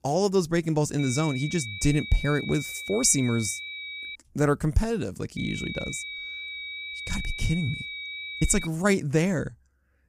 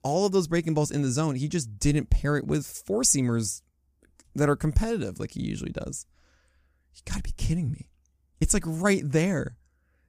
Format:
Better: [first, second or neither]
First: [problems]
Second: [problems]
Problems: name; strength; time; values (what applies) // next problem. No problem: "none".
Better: second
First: high-pitched whine; loud; from 1 to 4 s and from 5.5 to 8.5 s; 2.5 kHz, 8 dB below the speech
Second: none